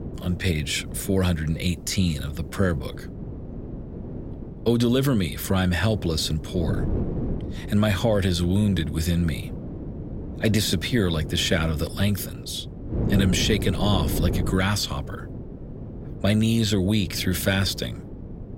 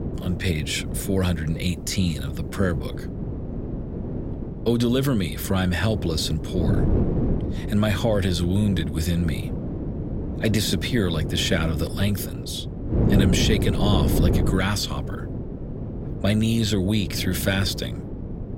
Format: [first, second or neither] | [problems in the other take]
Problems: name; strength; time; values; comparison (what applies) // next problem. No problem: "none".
first | wind noise on the microphone; heavy; 8 dB below the speech; occasional gusts in the first